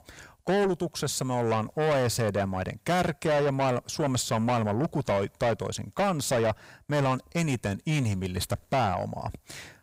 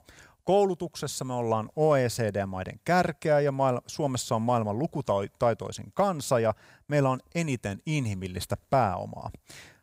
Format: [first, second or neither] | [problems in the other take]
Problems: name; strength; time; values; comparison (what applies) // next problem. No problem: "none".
second | distortion; heavy; 8 dB below the speech